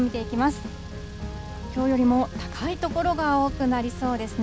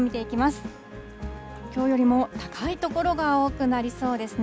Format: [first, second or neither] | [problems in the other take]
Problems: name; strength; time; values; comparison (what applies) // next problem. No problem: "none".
second | background sound (Car); 12 dB below the speech